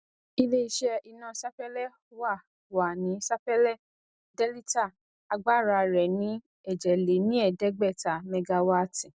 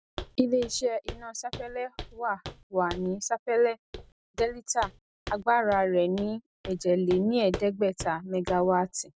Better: first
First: none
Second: background sound (Walk, footsteps); 15 dB below the speech

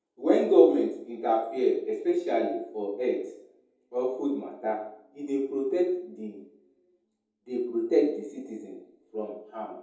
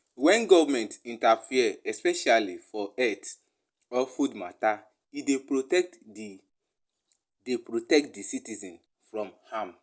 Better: second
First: room echo; dies away in 0.7 s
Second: none

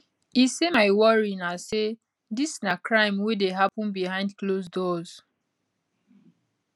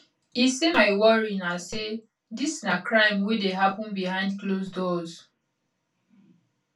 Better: first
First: none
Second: room echo; dies away in 0.2 s

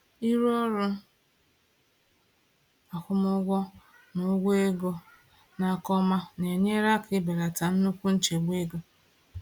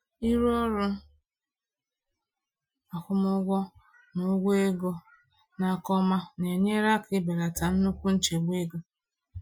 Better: first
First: none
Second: noise reduction (classical method Wiener filter)

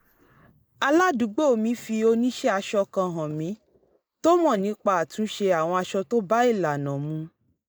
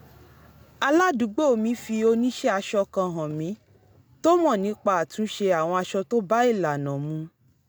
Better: second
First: noise reduction (neural mask model Resemble Enhance denoiser)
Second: none

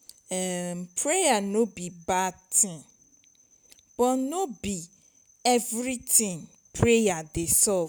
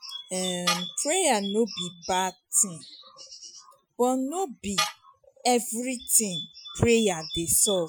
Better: first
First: none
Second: noise reduction (classical method Wiener filter)

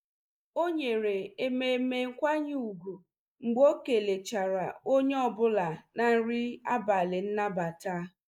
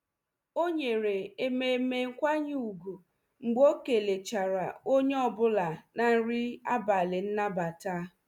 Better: second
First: noise reduction (neural mask model Resemble Enhance denoiser)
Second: none

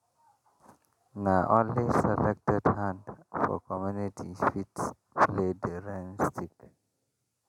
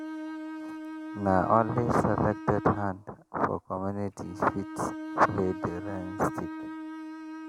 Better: first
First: none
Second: background sound (Bowed string instrument); 10 dB below the speech

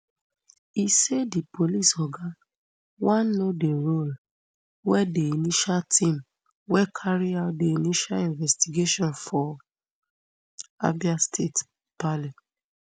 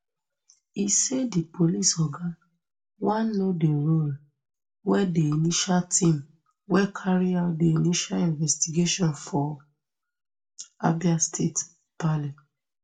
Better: first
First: none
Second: room echo; dies away in 0.2 s

